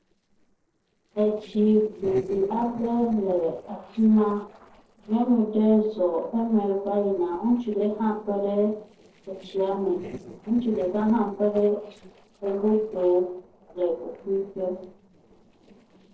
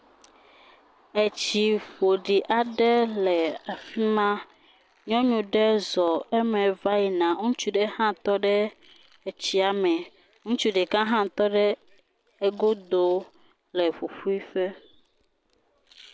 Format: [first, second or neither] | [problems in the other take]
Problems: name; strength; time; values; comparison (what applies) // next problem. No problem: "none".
second | noise reduction (neural separator model SepFormer DNS4)